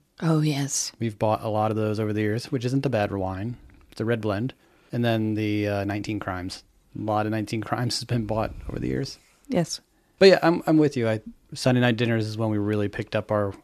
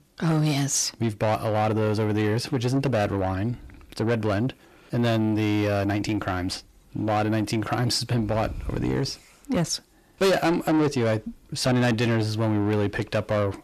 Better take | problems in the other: first | distortion; heavy; 7 dB below the speech

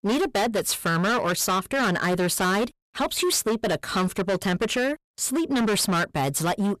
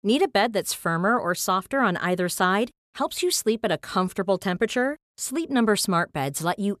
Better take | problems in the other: second | distortion; heavy; 24% of the sound clipped

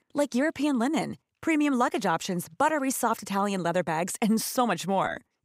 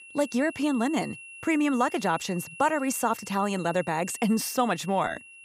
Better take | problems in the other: first | high-pitched whine; noticeable; throughout; 2.5 kHz, 15 dB below the speech

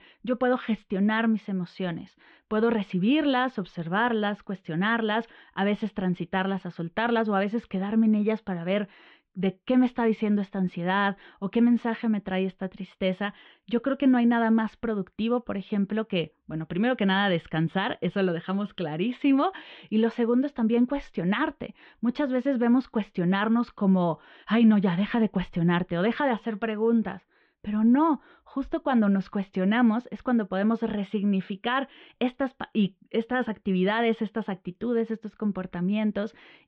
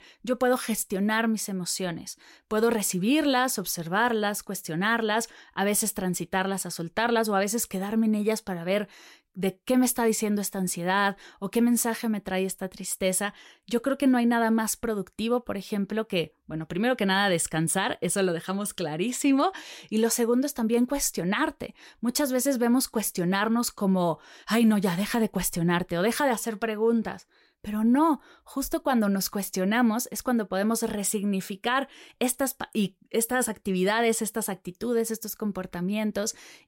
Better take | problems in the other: second | muffled; very; fading above 3.5 kHz

